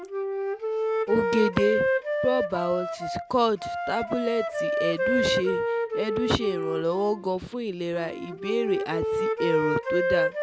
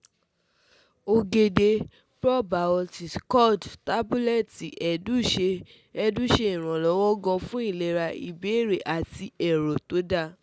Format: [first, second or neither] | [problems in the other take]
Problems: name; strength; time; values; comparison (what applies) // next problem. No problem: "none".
second | background sound (Wind instrument, woodwind instrument); as loud as the speech